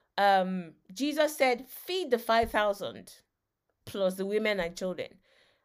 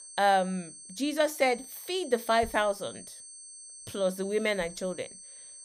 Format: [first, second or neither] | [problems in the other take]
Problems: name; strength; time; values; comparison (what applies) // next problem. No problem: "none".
first | high-pitched whine; noticeable; throughout; 8.5 kHz, 15 dB below the speech